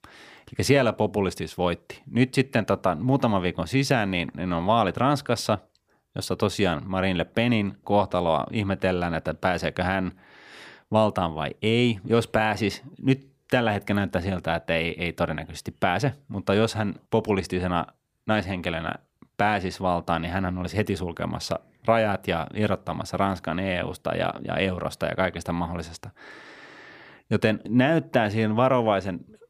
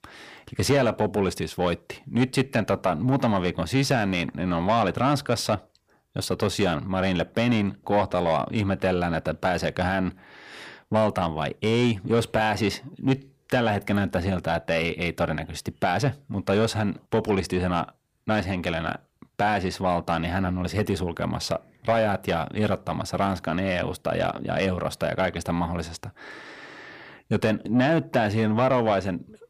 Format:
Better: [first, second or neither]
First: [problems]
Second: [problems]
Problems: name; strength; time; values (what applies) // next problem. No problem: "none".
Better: first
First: none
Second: distortion; slight; 10 dB below the speech